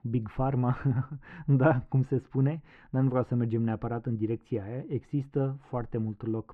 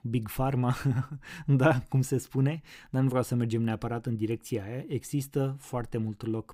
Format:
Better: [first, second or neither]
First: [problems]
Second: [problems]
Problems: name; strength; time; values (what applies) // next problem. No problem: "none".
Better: second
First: muffled; very; fading above 1.5 kHz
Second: none